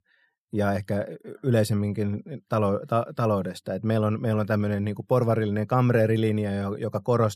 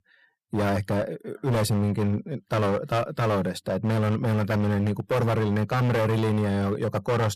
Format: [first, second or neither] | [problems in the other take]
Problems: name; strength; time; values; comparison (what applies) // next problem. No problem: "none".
first | distortion; heavy; 24% of the sound clipped